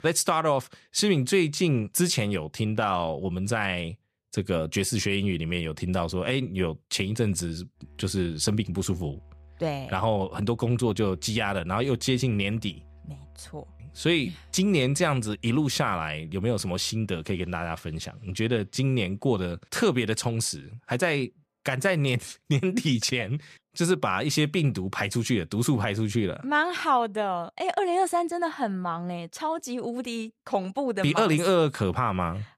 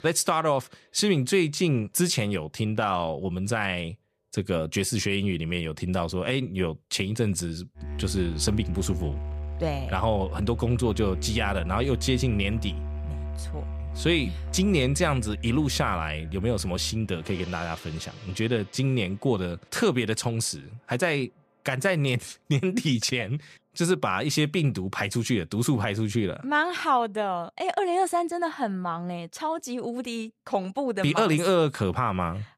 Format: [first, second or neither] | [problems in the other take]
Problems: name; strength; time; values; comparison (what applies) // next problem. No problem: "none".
first | background music; loud; throughout; 9 dB below the speech; faint in the first